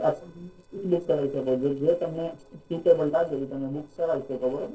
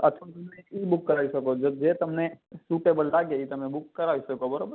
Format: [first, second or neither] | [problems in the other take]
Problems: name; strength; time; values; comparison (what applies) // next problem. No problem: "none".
second | noise reduction (neural separator model SepFormer DNS4)